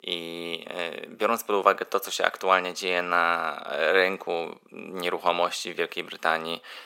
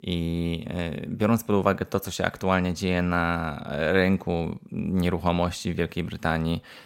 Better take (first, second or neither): second